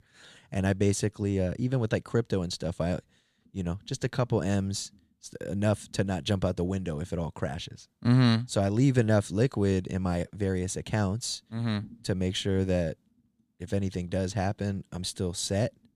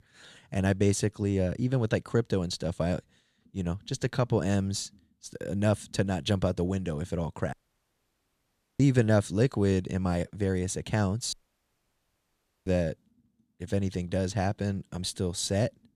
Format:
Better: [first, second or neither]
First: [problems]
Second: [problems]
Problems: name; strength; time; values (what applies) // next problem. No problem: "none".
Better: first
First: none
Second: audio cutting out; at 7.5 s for 1.5 s and at 11 s for 1.5 s